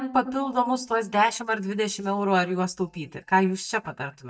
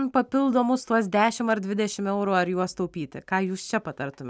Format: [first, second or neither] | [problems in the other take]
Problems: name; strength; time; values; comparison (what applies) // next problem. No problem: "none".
second | noise reduction (neural mask model DeepFilterNet 3)